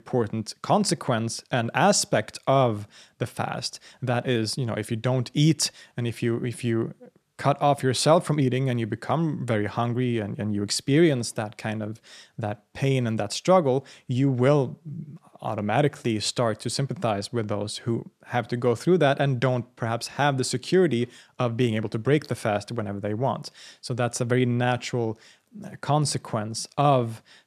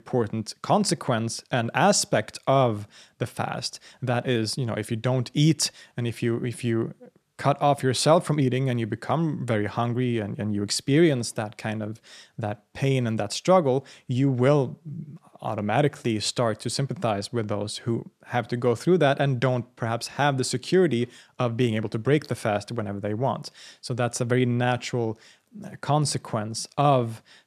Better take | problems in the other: neither | none

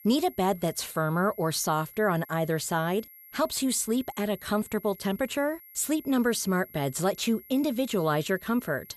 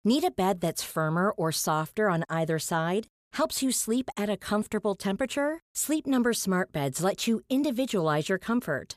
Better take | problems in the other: second | high-pitched whine; noticeable; throughout; 11.5 kHz, 20 dB below the speech

